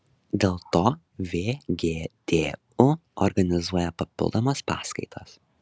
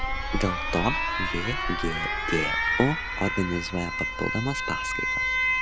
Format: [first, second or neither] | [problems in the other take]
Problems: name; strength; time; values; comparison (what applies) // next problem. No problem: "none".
first | background sound (Alarm); 2 dB above the speech